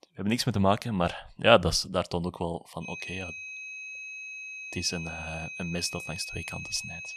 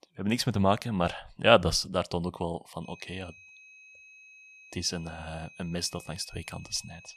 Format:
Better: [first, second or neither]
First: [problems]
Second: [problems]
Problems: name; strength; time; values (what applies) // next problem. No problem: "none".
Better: second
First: high-pitched whine; loud; from 3 s on; 2.5 kHz, 9 dB below the speech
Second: high-pitched whine; faint; from 3 s on; 2.5 kHz, 20 dB below the speech